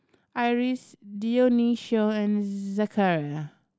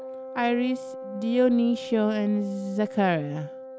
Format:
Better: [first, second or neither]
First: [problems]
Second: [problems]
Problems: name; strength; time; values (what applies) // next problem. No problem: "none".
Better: first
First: none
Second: background sound (Wind instrument, woodwind instrument); 12 dB below the speech